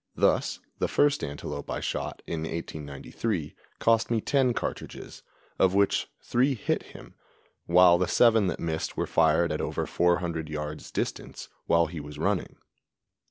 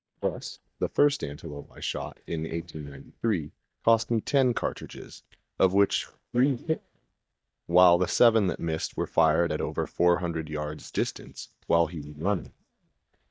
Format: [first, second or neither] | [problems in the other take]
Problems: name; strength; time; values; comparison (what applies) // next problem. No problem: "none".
first | noise reduction (neural mask model DeepFilterNet 3)